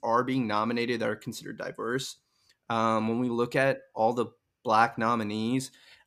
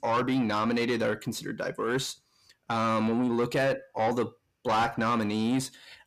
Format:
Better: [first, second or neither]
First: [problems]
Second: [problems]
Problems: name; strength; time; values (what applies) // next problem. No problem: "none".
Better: first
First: none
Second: distortion; heavy; 8 dB below the speech